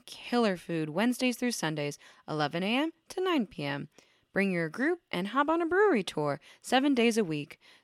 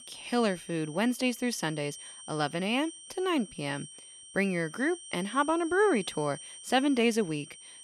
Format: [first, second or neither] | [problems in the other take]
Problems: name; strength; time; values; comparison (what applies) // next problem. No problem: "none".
first | high-pitched whine; noticeable; throughout; 8.5 kHz, 15 dB below the speech